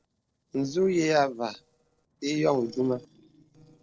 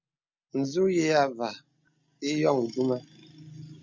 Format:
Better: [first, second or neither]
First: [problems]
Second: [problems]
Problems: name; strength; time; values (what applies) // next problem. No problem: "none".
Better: second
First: noise reduction (neural separator model SepFormer DNS4)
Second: none